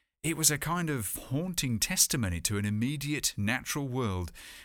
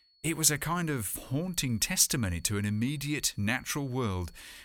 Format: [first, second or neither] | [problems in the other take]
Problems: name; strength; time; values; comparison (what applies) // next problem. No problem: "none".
first | high-pitched whine; faint; throughout; 4.5 kHz, 35 dB below the speech